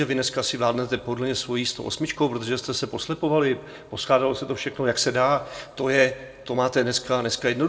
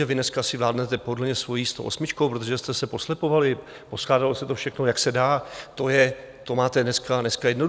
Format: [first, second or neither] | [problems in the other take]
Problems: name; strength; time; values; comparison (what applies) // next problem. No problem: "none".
second | room echo; dies away in 0.7 s